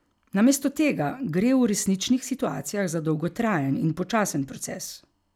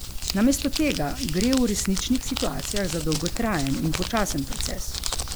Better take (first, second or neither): first